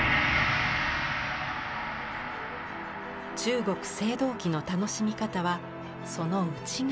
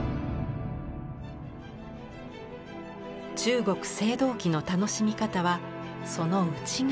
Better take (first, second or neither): second